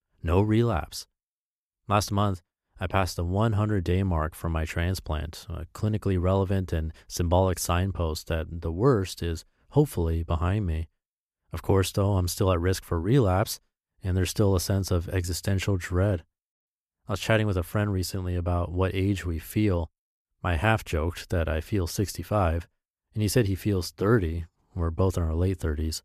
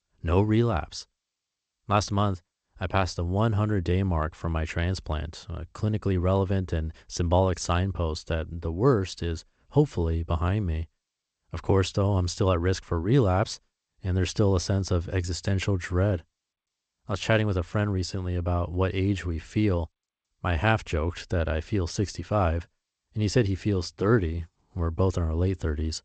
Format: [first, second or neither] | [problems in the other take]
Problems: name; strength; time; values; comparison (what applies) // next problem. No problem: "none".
first | garbled, watery; slightly; nothing above 8 kHz